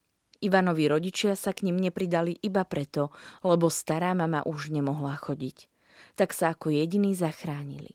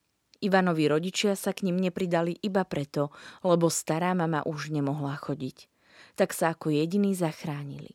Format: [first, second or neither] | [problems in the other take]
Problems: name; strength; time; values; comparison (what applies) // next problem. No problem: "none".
second | garbled, watery; slightly